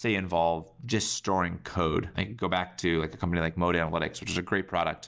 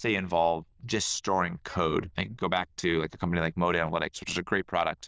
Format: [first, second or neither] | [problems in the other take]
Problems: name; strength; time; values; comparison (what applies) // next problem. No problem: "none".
first | noise reduction (neural diffusion model UNIVERSE++)